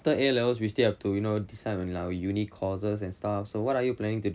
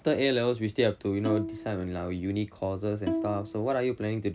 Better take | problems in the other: first | background sound (Bowed string instrument); 6 dB below the speech

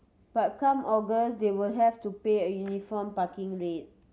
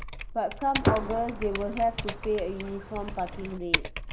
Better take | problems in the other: first | background sound (Typing + Gunshot, gunfire); 2 dB below the speech

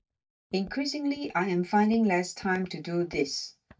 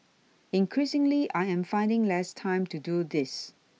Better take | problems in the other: second | noise reduction (neural mask model DeepFilterNet 3)

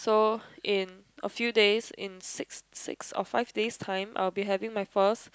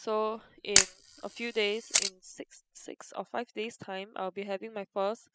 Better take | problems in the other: first | noise reduction (classical method spectral subtraction)

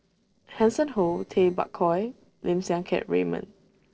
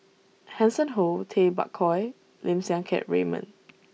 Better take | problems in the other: second | noise reduction (neural separator model SepFormer DNS4)

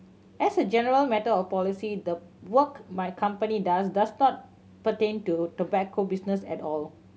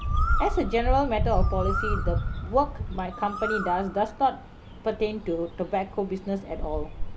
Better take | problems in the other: first | background sound (Bird); as loud as the speech

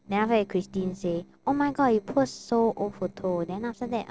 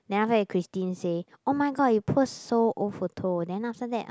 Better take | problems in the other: second | noise reduction (neural separator model SepFormer DNS4)

